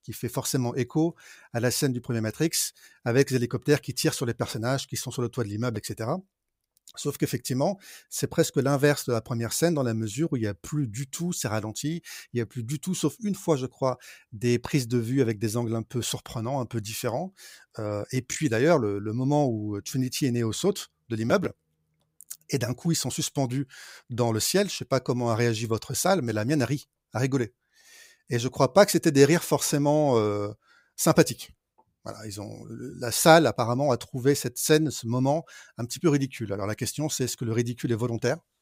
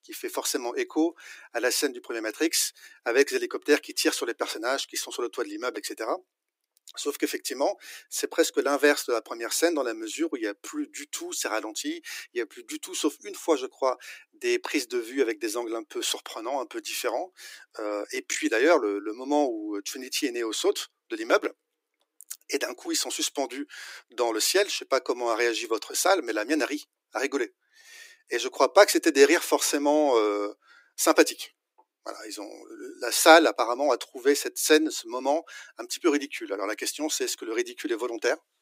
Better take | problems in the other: first | thin; somewhat; fading below 300 Hz

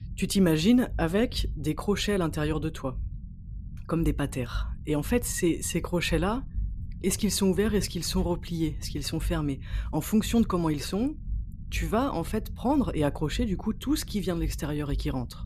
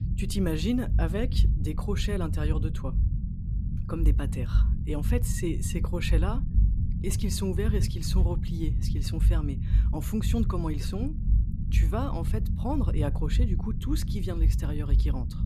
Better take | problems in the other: first | low rumble; loud; throughout; 8 dB below the speech; faint in the first

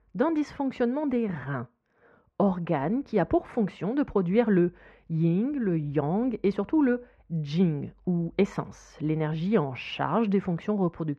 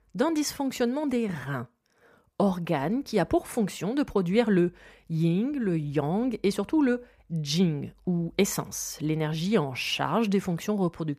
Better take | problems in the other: second | muffled; very; fading above 2 kHz

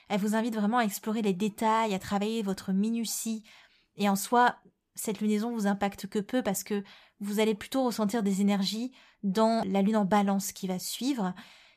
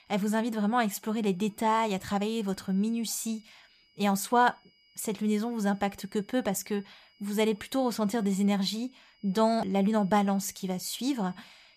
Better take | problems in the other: first | high-pitched whine; faint; throughout; 5 kHz, 30 dB below the speech

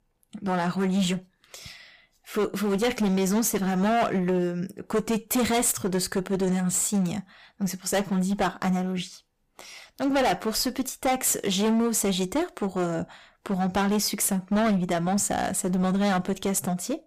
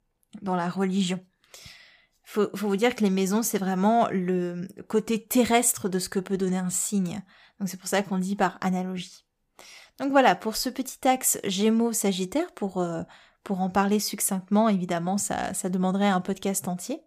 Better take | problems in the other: second | distortion; heavy; 14% of the sound clipped

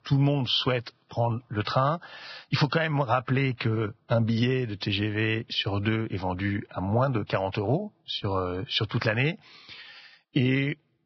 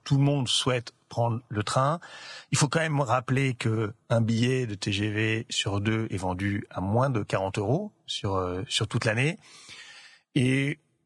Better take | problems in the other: second | garbled, watery; badly; nothing above 5.5 kHz; slightly in the second

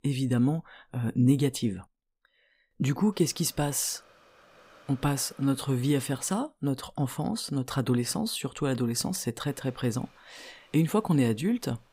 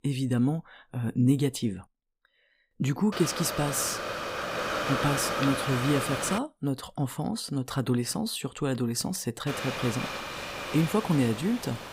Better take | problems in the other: first | hiss; loud; from 3 to 6.5 s and from 9.5 s on; 4 dB below the speech; faint in the first

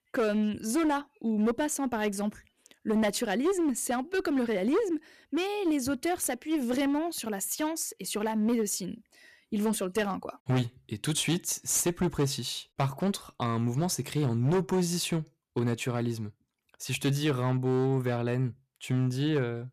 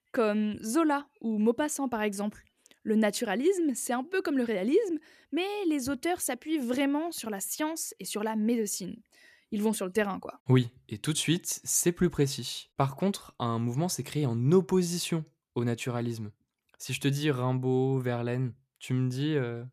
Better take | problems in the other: second | distortion; slight; 8% of the sound clipped

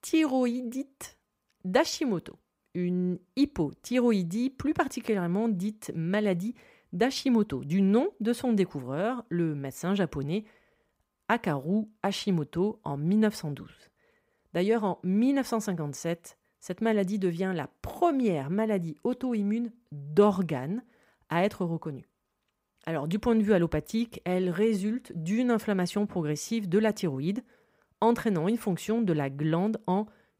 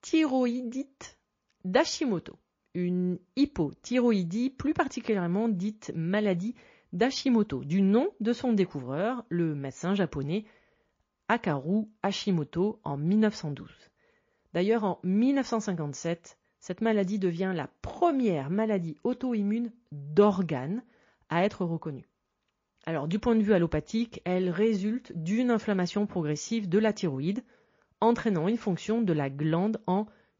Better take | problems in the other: first | garbled, watery; slightly; nothing above 6 kHz

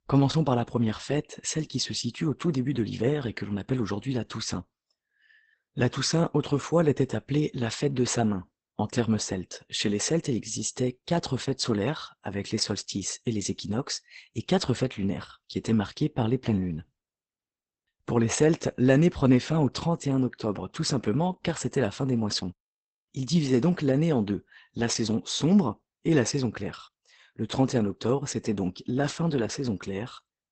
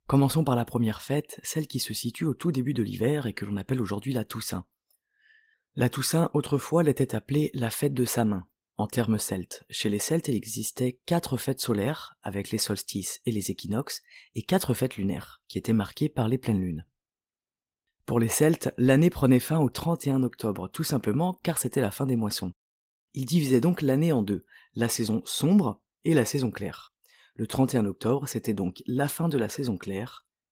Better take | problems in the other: second | garbled, watery; badly; nothing above 8 kHz; slightly in the second

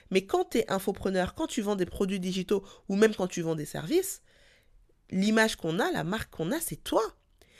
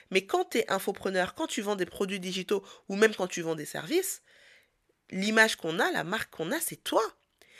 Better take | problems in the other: first | thin; very slightly; fading below 750 Hz

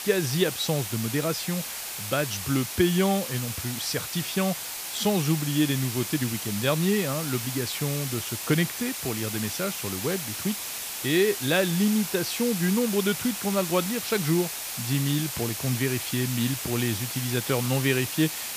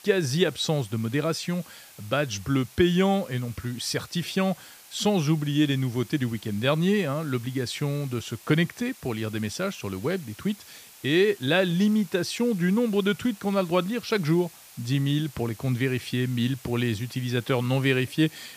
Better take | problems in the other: second | hiss; loud; throughout; 4 dB below the speech; faint in the second

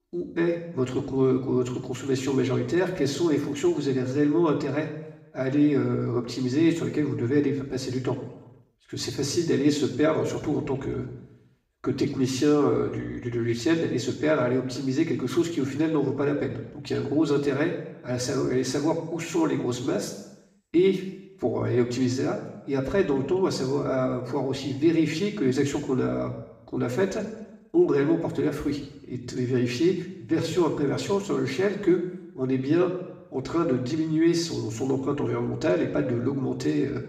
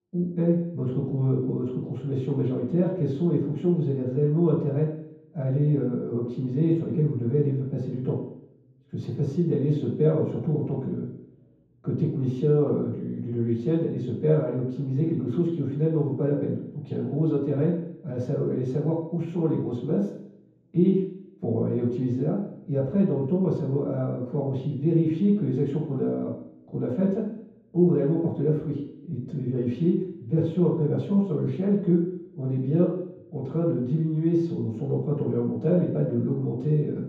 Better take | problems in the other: first | room echo; strong; dies away in 0.9 s; slight in the first // off-mic speech; far; far in the first

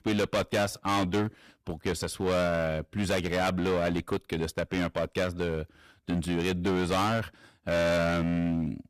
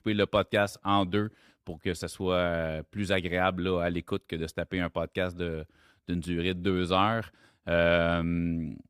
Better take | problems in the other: second | distortion; heavy; 16% of the sound clipped

